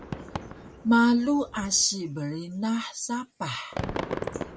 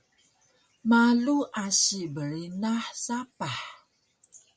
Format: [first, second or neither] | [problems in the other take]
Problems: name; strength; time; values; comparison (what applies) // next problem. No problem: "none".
second | background sound (Fireworks); 10 dB below the speech